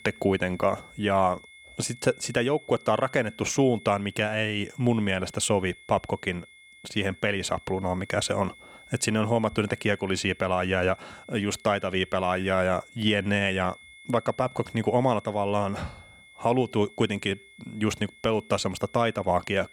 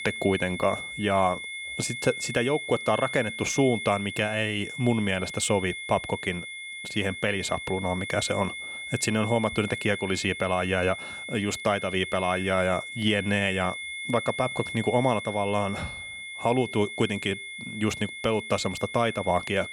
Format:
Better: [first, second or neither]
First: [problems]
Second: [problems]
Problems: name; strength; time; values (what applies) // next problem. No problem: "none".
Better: first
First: high-pitched whine; faint; throughout; 2 kHz, 20 dB below the speech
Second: high-pitched whine; loud; throughout; 2 kHz, 7 dB below the speech